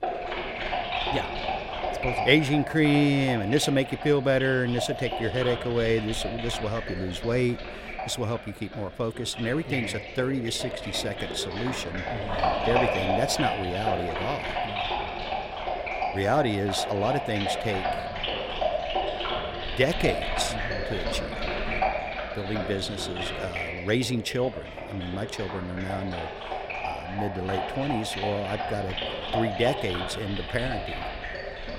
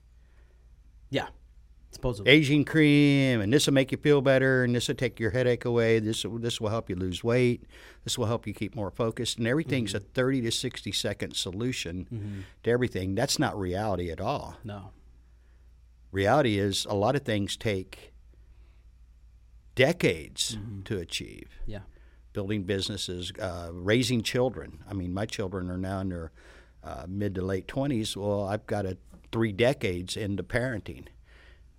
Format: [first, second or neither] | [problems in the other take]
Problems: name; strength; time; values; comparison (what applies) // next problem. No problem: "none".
second | animal sounds; loud; throughout; 3 dB below the speech